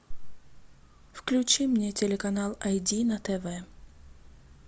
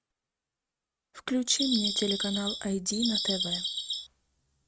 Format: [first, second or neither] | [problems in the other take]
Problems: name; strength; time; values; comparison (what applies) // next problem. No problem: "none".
first | noise reduction (neural mask model RNNoise)